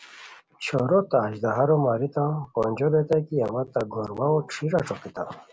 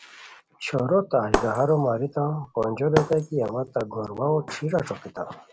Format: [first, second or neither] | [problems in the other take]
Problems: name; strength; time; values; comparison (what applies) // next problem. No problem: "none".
first | background sound (Shatter); 9 dB below the speech